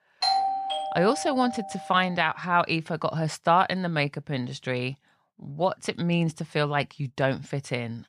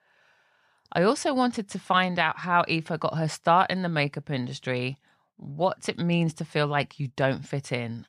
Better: second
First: doorbell; loud; until 2 s; peak 3 dB above the speech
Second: none

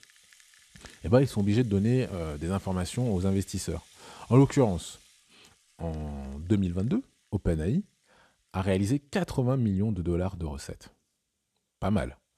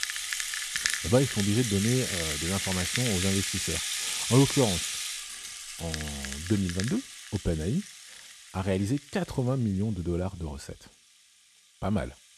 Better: first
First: background music; faint; throughout; 25 dB below the speech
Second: background music; loud; throughout; 1 dB below the speech

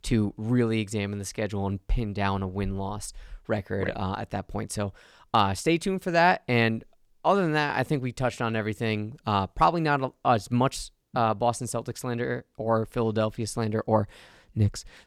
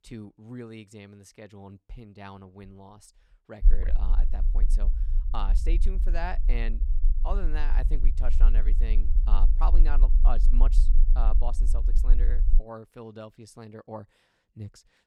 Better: first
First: none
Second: low rumble; noticeable; from 3.5 to 13 s; 10 dB below the speech

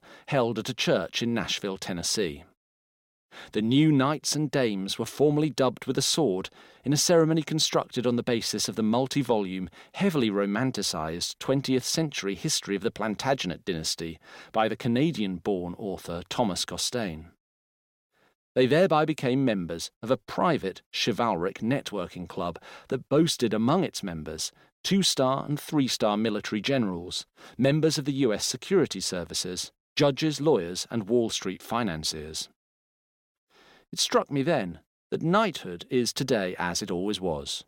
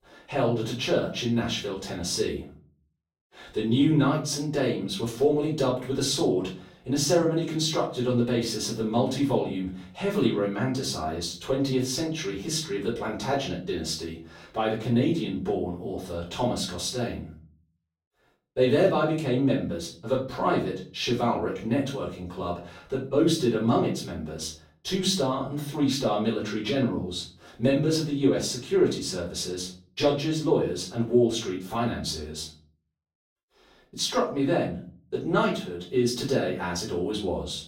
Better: first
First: none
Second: room echo; slight; dies away in 0.4 s // off-mic speech; far

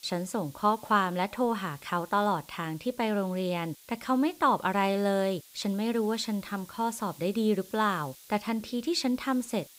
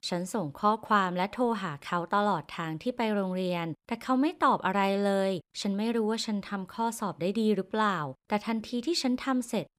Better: second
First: hiss; faint; throughout; 20 dB below the speech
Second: none

